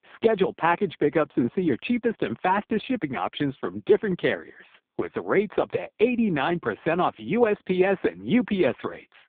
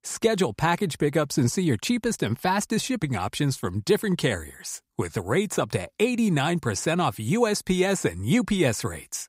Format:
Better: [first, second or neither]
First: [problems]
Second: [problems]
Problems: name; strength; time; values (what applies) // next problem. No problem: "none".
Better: second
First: phone-call audio; poor line; nothing above 3.5 kHz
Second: none